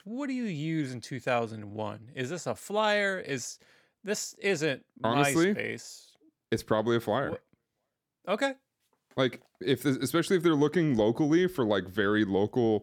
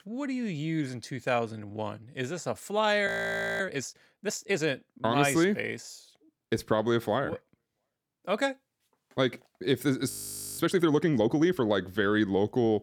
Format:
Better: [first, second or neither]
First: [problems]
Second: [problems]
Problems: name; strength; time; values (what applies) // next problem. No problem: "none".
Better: first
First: none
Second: audio freezing; at 3 s for 0.5 s and at 10 s for 0.5 s